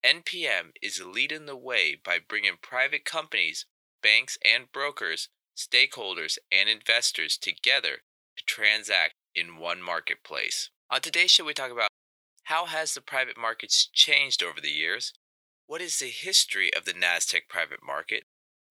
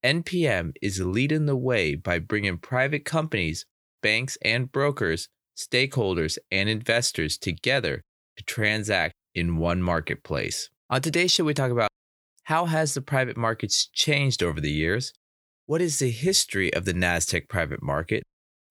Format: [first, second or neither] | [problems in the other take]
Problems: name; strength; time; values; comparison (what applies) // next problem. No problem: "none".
second | thin; very; fading below 750 Hz